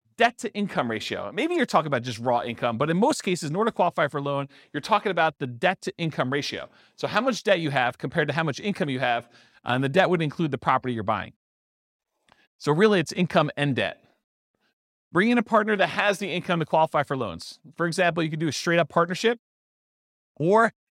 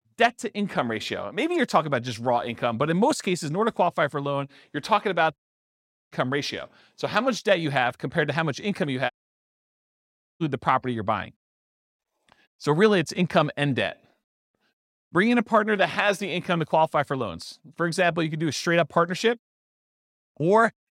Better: first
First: none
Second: audio cutting out; at 5.5 s for 0.5 s and at 9 s for 1.5 s

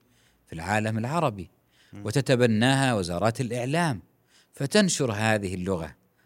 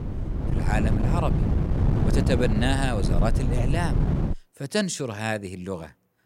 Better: first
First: none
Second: wind noise on the microphone; heavy; until 4.5 s; 4 dB below the speech

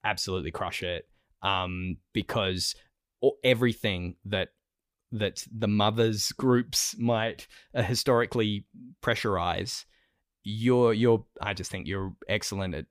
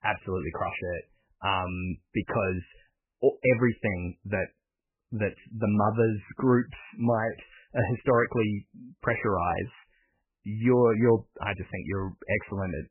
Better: first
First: none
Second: garbled, watery; badly; nothing above 3 kHz

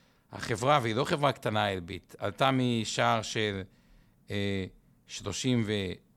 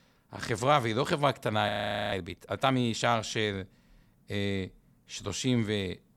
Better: first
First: none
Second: audio freezing; at 1.5 s

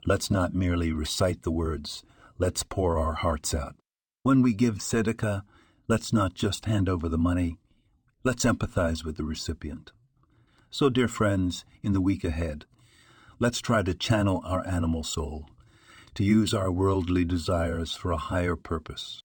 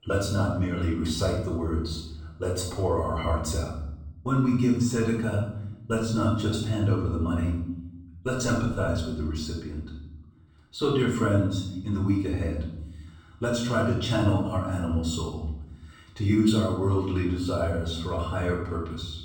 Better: first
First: none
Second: off-mic speech; far // room echo; noticeable; dies away in 0.9 s

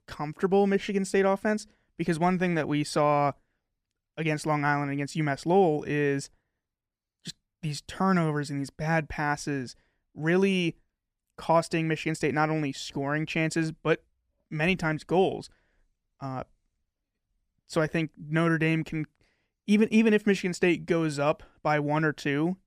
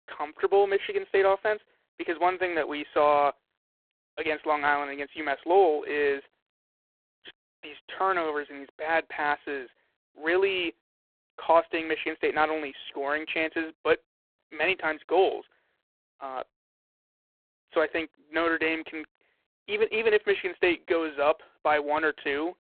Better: first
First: none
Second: phone-call audio; poor line

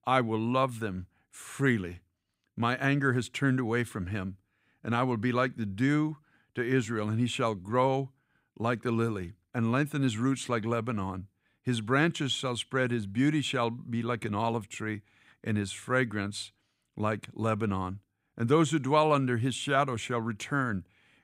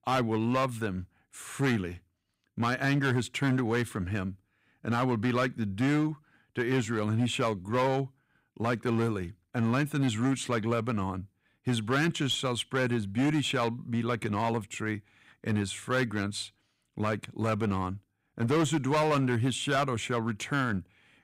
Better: first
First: none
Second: distortion; slight; 8% of the sound clipped

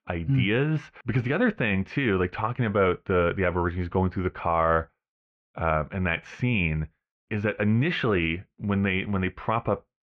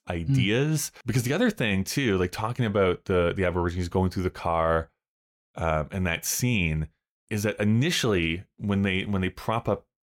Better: second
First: muffled; very; fading above 2.5 kHz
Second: none

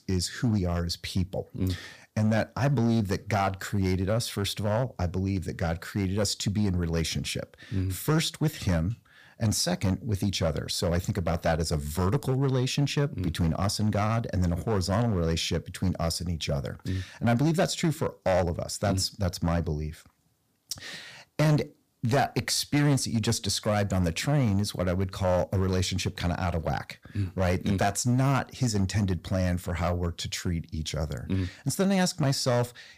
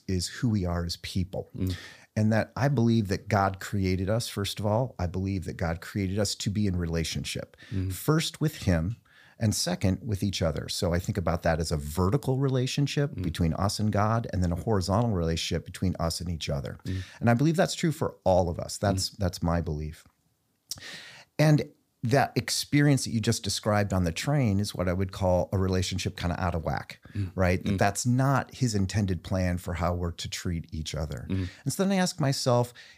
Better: second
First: distortion; slight; 5% of the sound clipped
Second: none

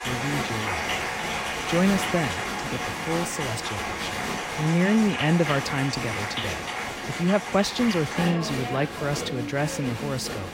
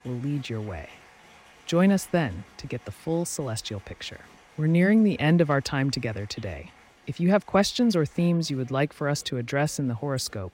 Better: second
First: crowd noise; loud; throughout; 3 dB below the speech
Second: crowd noise; faint; throughout; 25 dB below the speech

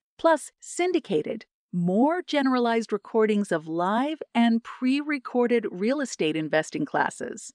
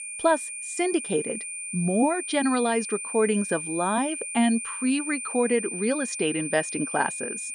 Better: first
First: none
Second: high-pitched whine; loud; throughout; 9 kHz, 6 dB below the speech

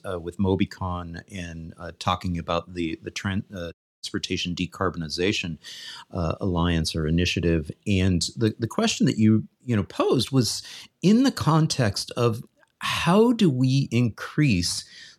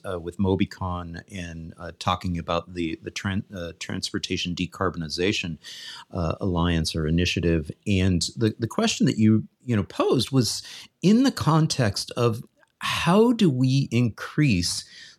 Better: second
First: audio cutting out; at 3.5 s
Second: none

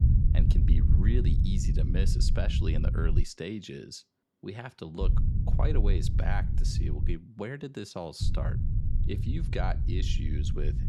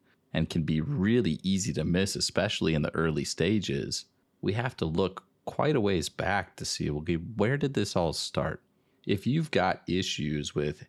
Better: second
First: low rumble; loud; until 3 s, from 5 to 7 s and from 8 s on; 5 dB below the speech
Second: none

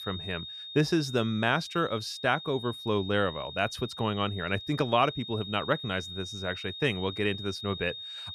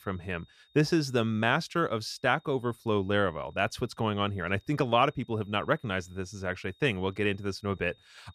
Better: second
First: high-pitched whine; loud; throughout; 3.5 kHz, 9 dB below the speech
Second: high-pitched whine; faint; throughout; 3.5 kHz, 35 dB below the speech

